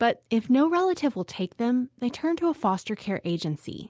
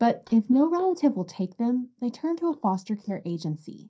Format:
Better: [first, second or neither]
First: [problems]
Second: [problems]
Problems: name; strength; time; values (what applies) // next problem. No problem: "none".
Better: first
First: none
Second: noise reduction (neural mask model DeepFilterNet 3)